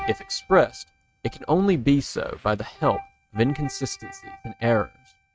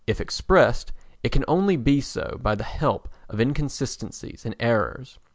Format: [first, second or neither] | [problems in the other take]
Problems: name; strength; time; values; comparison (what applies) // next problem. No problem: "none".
second | noise reduction (neural mask model RNNoise)